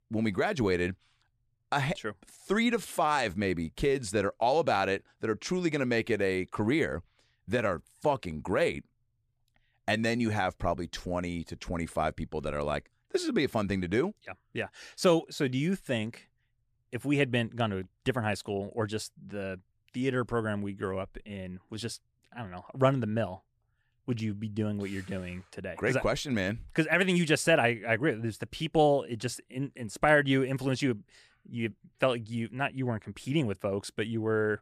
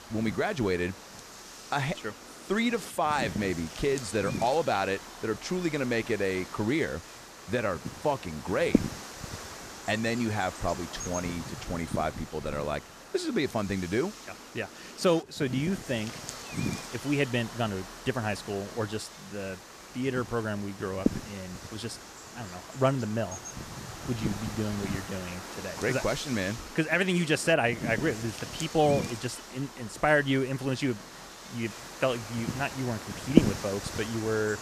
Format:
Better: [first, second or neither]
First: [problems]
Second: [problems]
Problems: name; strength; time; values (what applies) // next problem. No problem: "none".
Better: first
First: none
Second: wind noise on the microphone; heavy; 9 dB below the speech